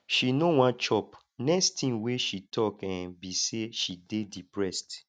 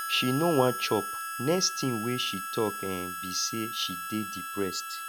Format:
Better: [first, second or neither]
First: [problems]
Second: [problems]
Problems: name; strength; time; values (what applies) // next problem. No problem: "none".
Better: first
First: none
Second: background sound (Harmonica); 6 dB below the speech